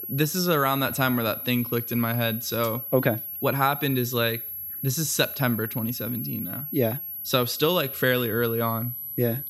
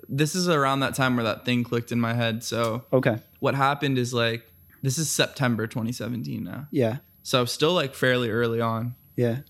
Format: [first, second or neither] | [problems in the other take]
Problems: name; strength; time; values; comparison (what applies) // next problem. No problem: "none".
second | high-pitched whine; loud; throughout; 11.5 kHz, 6 dB below the speech; faint in the second